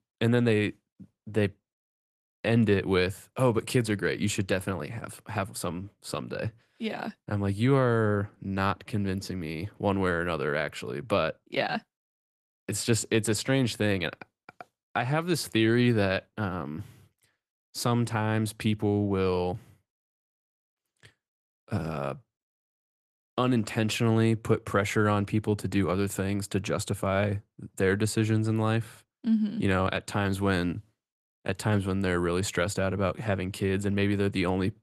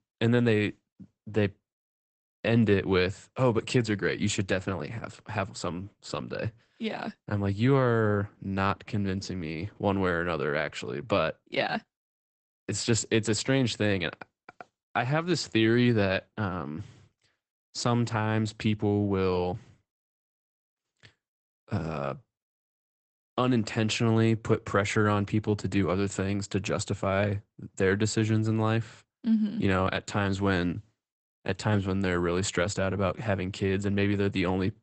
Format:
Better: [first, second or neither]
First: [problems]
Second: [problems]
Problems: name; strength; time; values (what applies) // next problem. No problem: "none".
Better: first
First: garbled, watery; slightly; nothing above 13.5 kHz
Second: garbled, watery; badly; nothing above 8 kHz